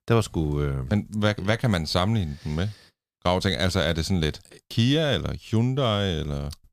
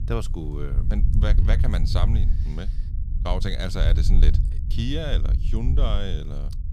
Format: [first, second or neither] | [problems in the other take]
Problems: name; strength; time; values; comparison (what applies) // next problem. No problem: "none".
first | low rumble; loud; throughout; 9 dB below the speech